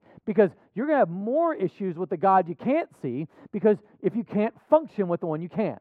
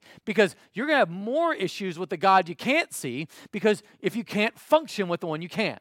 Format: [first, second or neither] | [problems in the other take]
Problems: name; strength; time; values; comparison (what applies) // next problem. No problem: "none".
second | muffled; very; fading above 2 kHz